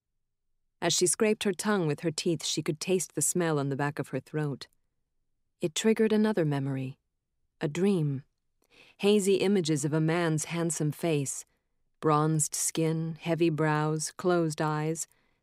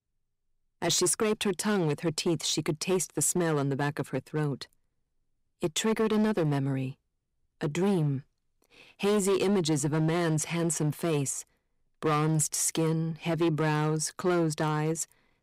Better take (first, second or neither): first